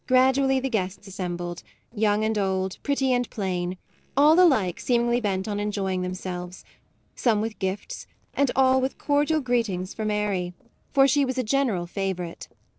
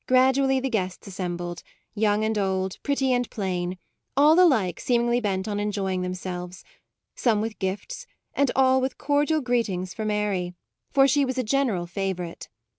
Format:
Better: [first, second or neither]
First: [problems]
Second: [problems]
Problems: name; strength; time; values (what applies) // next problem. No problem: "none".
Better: second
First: noise reduction (neural separator model SepFormer DNS4)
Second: none